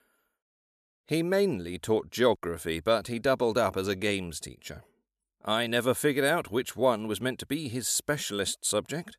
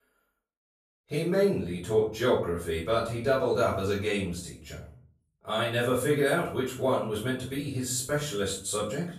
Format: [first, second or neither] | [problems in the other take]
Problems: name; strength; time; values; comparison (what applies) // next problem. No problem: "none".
first | off-mic speech; far // room echo; noticeable; dies away in 0.4 s